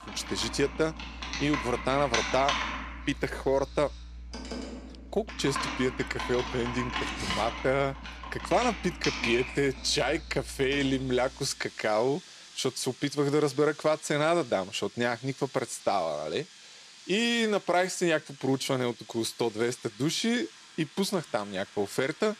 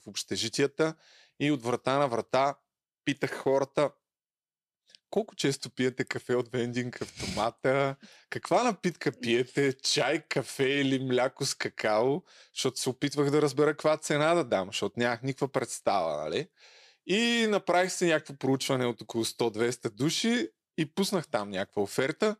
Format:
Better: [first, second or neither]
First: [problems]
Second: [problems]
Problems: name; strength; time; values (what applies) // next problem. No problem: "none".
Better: second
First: household noises; loud; throughout; 9 dB below the speech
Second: none